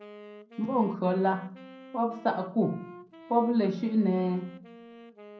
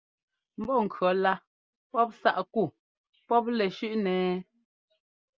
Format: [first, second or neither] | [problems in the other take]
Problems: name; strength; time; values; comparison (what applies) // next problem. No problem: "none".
second | background sound (Wind instrument, woodwind instrument); 19 dB below the speech // room echo; dies away in 0.6 s